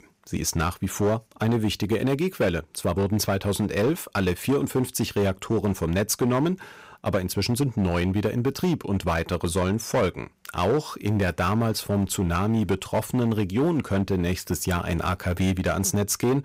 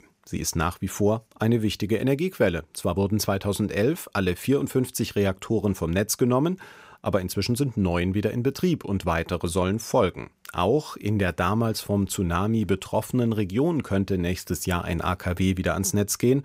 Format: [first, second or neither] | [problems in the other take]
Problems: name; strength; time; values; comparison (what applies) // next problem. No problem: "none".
second | distortion; slight; 9% of the sound clipped